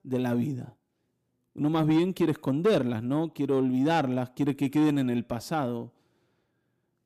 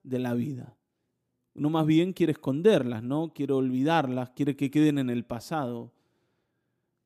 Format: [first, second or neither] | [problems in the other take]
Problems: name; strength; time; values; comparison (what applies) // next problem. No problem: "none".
second | distortion; slight; 10 dB below the speech